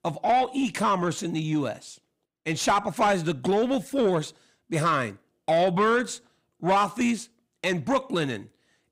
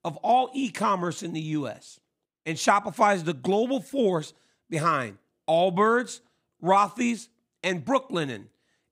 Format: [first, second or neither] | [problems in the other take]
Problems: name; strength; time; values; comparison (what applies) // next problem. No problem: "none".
second | distortion; slight; 10 dB below the speech